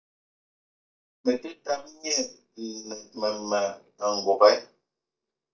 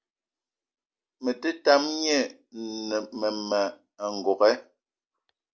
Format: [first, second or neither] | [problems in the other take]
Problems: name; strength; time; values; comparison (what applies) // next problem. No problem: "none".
second | noise reduction (neural mask model DeepFilterNet 3)